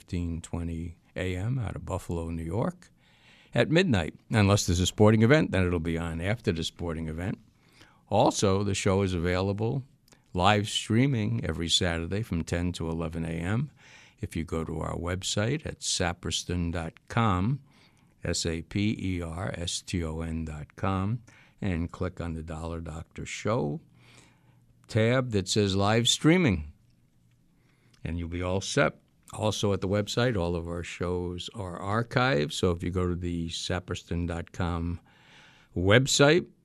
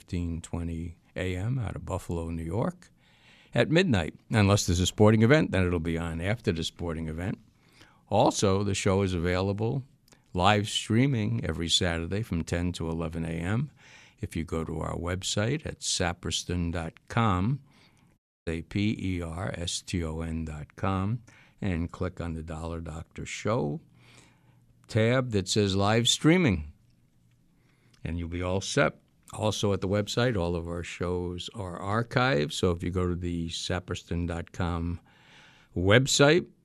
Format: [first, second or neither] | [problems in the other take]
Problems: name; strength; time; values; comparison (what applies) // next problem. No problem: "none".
first | audio cutting out; at 18 s